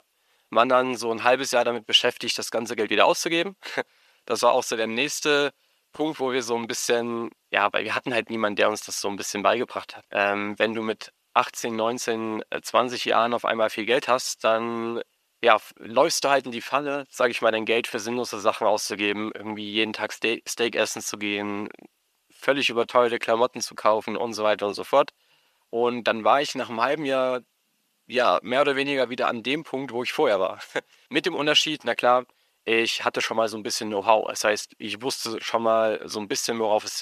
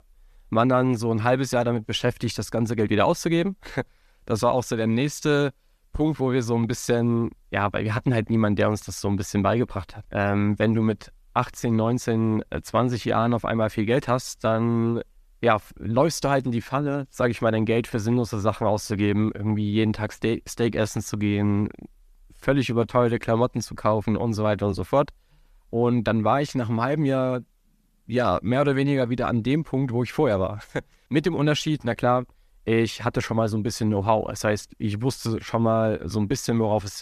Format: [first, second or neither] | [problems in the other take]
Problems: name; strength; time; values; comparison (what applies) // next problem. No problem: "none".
second | thin; somewhat; fading below 450 Hz